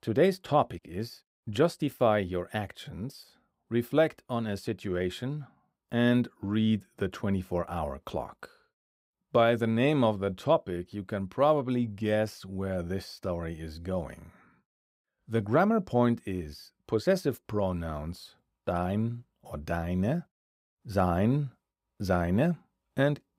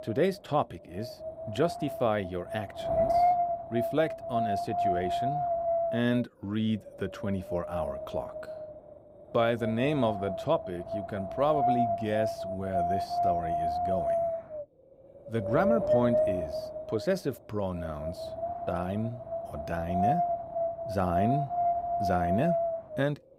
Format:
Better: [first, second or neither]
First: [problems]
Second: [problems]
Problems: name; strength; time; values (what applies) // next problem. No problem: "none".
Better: first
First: none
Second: wind noise on the microphone; heavy; 3 dB above the speech